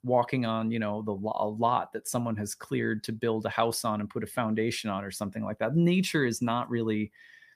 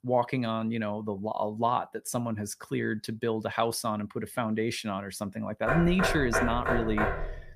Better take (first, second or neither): first